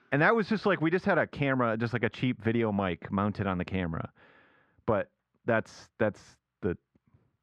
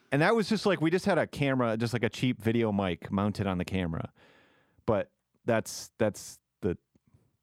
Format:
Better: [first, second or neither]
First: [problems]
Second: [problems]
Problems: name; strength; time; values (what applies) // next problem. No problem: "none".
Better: second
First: muffled; slightly; fading above 3 kHz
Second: none